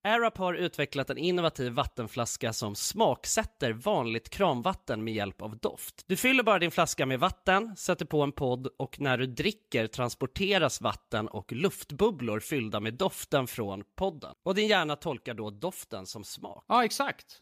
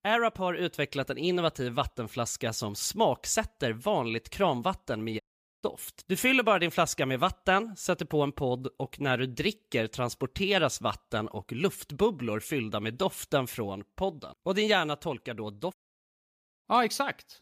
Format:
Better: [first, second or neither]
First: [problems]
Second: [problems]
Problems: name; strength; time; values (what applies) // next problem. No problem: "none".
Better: first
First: none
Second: audio cutting out; at 5 s and at 16 s for 1 s